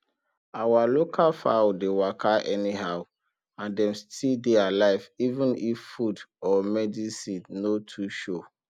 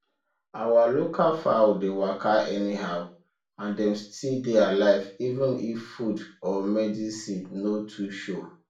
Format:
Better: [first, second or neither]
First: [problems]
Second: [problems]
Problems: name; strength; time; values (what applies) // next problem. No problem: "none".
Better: first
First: none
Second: room echo; dies away in 0.3 s